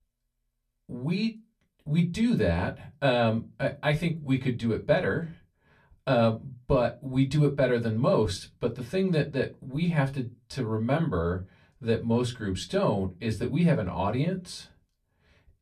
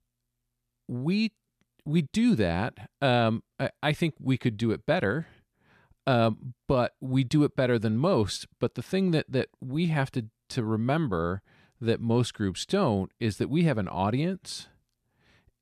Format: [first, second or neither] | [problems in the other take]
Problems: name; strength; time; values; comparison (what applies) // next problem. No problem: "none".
second | off-mic speech; far // room echo; very slight; dies away in 0.2 s